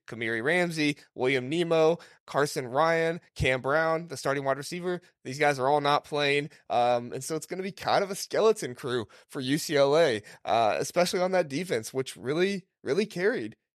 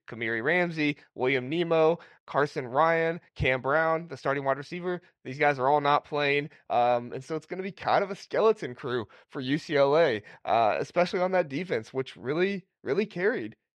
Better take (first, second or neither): first